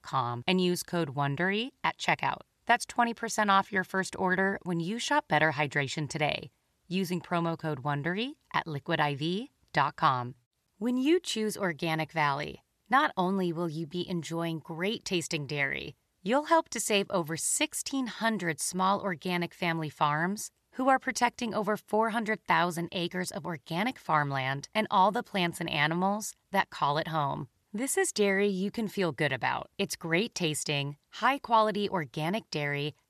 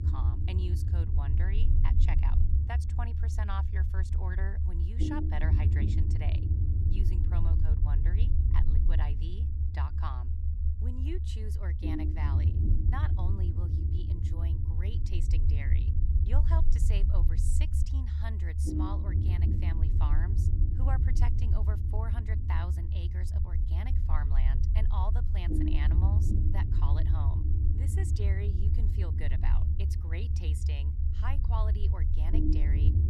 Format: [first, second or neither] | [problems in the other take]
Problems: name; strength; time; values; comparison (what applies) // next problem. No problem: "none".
first | low rumble; loud; throughout; as loud as the speech